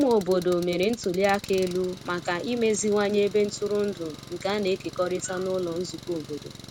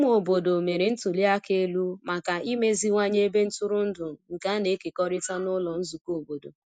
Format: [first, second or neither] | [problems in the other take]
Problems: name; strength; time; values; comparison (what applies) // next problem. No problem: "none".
second | background sound (Engine); 16 dB below the speech